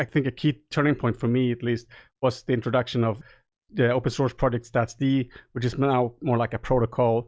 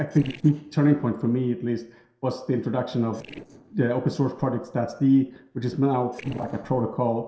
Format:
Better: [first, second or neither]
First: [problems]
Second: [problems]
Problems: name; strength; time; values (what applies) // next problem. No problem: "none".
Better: first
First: none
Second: noise reduction (neural separator model SepFormer DNS4)